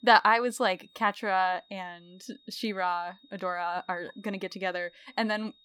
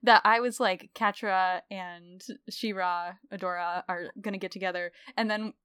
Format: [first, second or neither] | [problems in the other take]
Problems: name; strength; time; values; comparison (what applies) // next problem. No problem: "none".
second | high-pitched whine; faint; throughout; 3.5 kHz, 30 dB below the speech